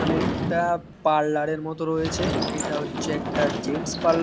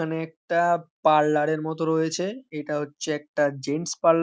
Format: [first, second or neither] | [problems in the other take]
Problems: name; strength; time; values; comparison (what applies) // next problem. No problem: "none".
second | background sound (Sliding door / Slam); 3 dB below the speech